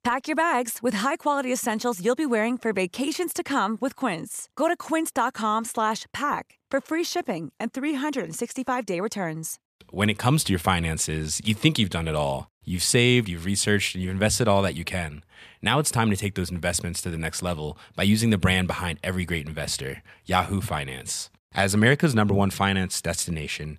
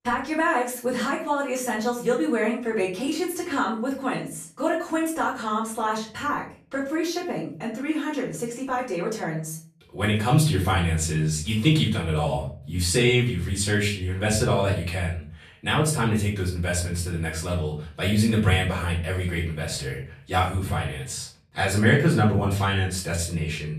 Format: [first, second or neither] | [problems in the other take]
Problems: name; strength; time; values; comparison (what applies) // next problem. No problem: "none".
first | off-mic speech; far // room echo; slight; dies away in 0.4 s